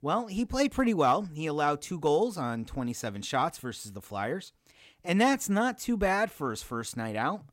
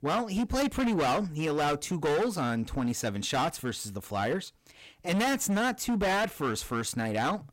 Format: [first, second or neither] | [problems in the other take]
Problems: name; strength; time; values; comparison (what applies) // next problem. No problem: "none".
first | distortion; heavy; 19% of the sound clipped